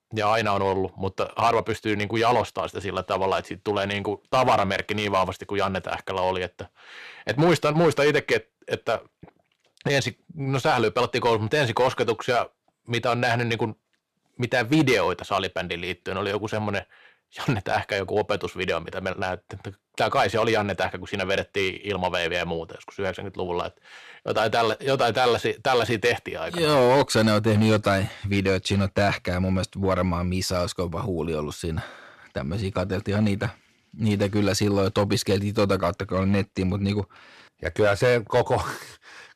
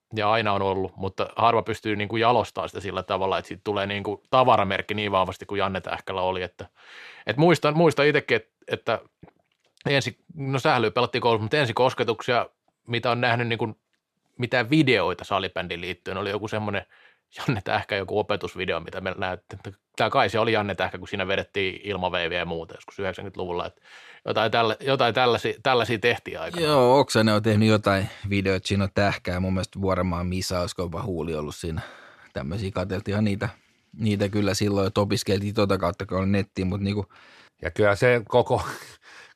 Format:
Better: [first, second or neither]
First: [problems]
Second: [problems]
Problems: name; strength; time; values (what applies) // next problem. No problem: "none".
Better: second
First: distortion; slight; 3% of the sound clipped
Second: none